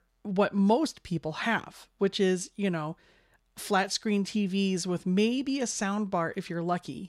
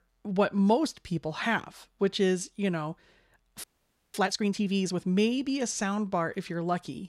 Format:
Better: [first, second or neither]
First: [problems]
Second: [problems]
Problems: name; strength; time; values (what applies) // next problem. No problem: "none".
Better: first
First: none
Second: audio freezing; at 3.5 s